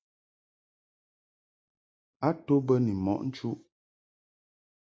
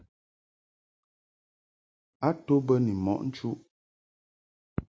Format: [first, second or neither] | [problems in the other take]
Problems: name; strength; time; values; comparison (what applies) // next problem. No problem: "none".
second | noise reduction (neural mask model Resemble Enhance denoiser)